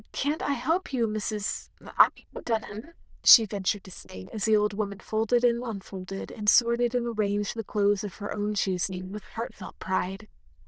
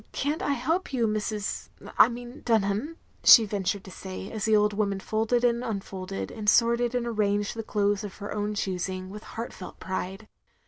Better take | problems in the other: second | noise reduction (neural diffusion model UNIVERSE++)

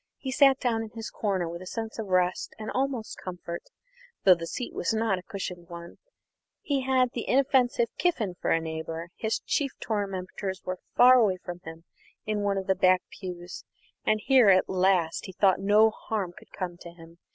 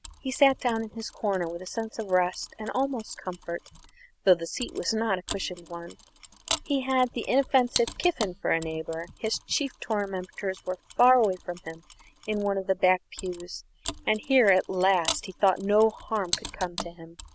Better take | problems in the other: first | background sound (Mechanisms); 13 dB below the speech

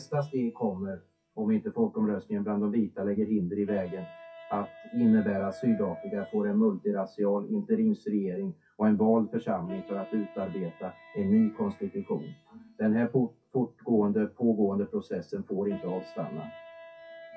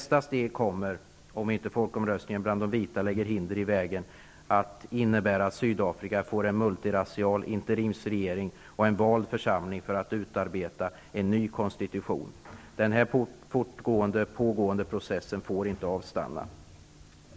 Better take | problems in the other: second | noise reduction (classical method WPE with log-MMSE)

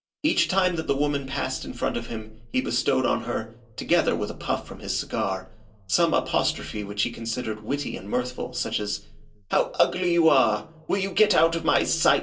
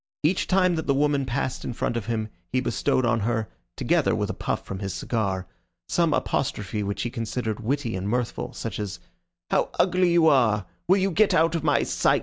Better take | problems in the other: second | room echo; dies away in 0.2 s

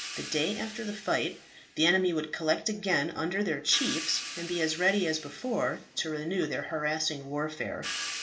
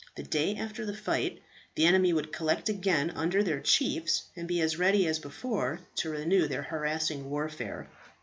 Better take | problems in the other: second | background sound (Crash cymbal / Hi-hat); 12 dB below the speech // room echo; dies away in 0.4 s

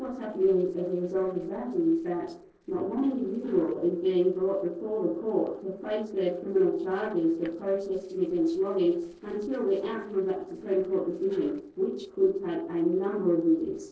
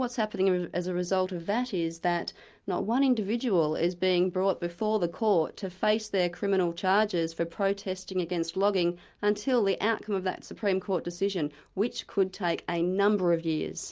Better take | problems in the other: second | noise reduction (neural separator model SepFormer DNS4)

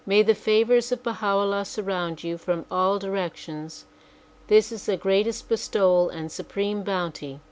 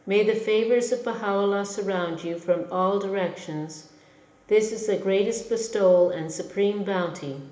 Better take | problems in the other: first | room echo; dies away in 1 s

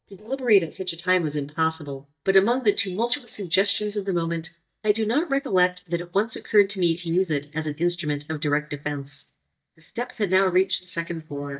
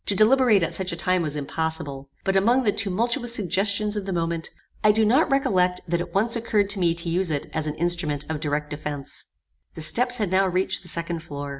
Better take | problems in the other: second | noise reduction (neural mask model DeepFilterNet 3)

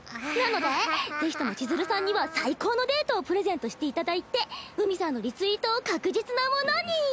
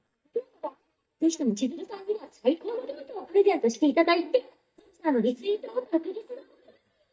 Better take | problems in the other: first | noise reduction (neural mask model DeepFilterNet 3)

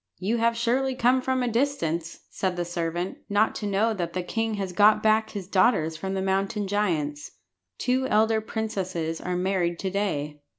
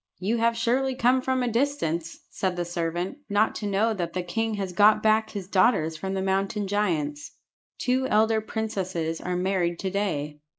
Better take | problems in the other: first | noise reduction (neural mask model Resemble Enhance denoiser)

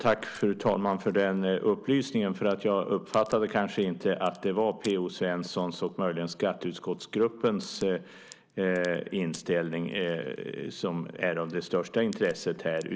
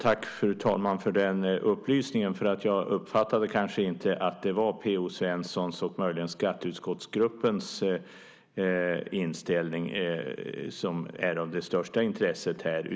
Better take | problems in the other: second | noise reduction (neural separator model SepFormer DNS4)

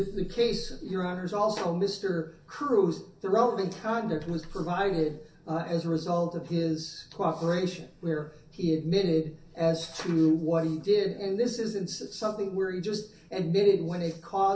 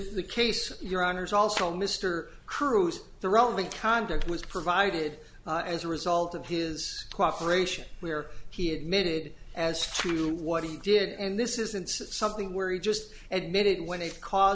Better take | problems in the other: second | room echo; dies away in 0.3 s

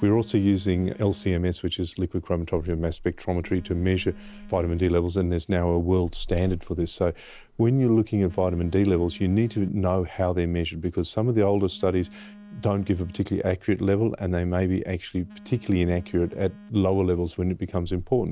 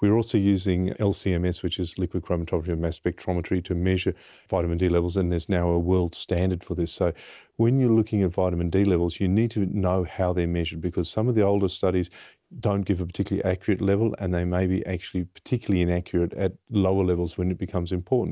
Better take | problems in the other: second | background sound (Telephone); 19 dB below the speech

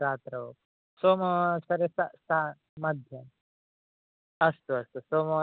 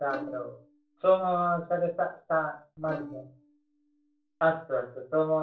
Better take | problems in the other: first | noise reduction (neural separator model SepFormer DNS4)

